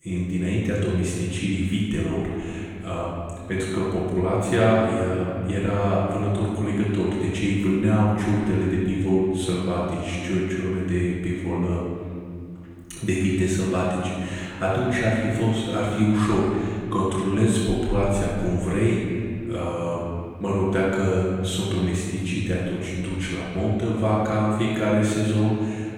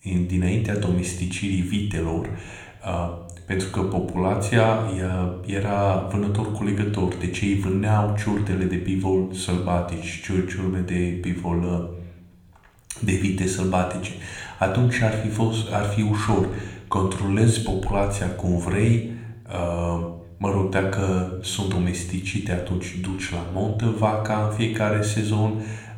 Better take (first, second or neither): second